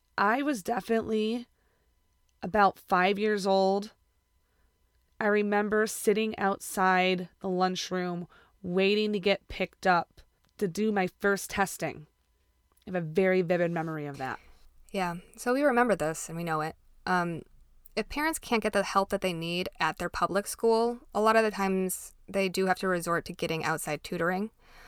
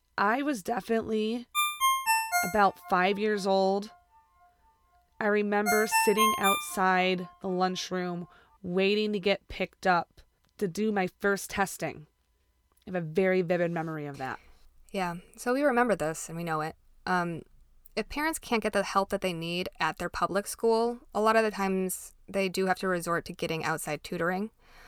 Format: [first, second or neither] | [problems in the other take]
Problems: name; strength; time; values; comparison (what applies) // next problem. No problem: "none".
first | phone ringing; loud; from 1.5 to 6.5 s; peak 5 dB above the speech